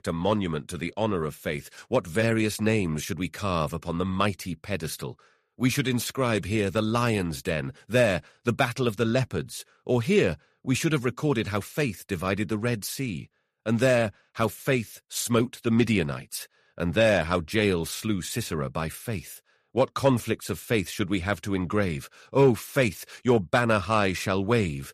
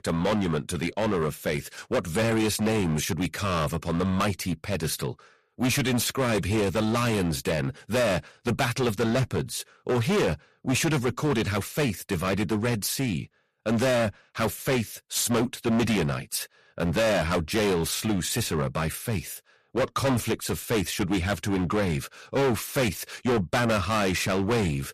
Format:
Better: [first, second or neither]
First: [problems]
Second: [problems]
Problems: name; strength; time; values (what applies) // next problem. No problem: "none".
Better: first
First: none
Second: distortion; heavy; 16% of the sound clipped